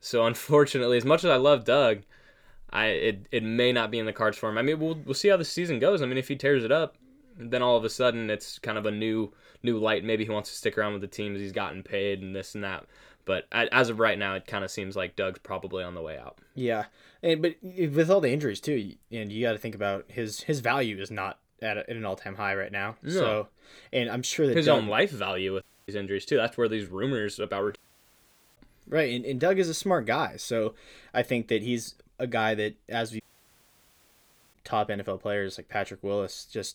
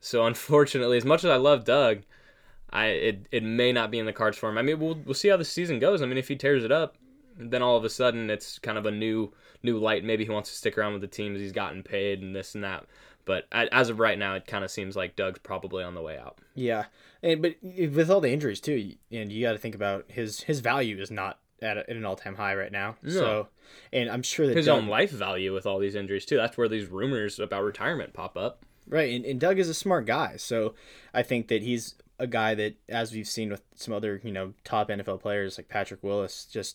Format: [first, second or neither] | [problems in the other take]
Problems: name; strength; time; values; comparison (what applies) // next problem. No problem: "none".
second | audio cutting out; at 26 s, at 28 s for 1 s and at 33 s for 1.5 s